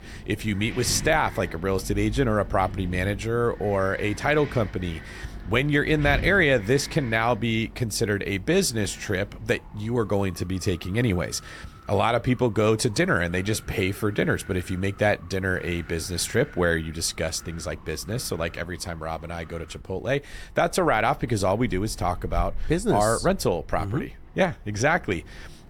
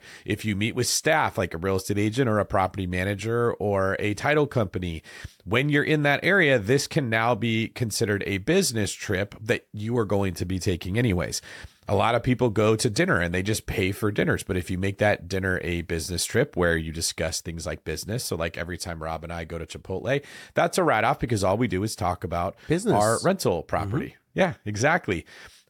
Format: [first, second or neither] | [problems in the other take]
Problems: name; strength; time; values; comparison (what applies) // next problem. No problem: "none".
second | wind in the background; noticeable; throughout; 15 dB below the speech